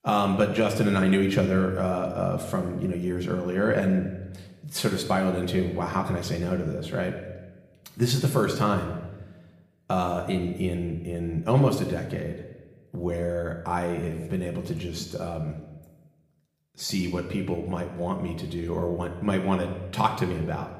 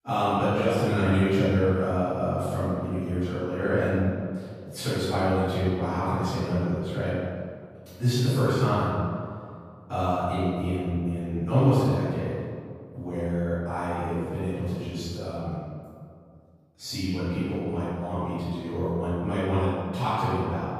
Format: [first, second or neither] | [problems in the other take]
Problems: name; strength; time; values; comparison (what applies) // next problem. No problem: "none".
first | room echo; strong; dies away in 1.8 s; slight in the first // off-mic speech; far; somewhat distant in the first